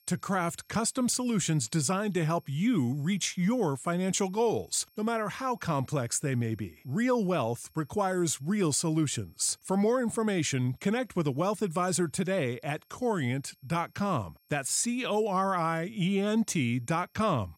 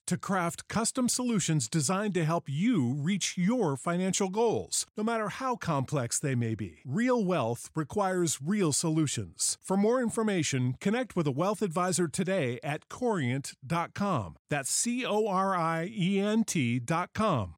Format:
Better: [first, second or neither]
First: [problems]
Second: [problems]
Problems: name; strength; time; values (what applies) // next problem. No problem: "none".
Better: second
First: high-pitched whine; faint; throughout; 11.5 kHz, 35 dB below the speech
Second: none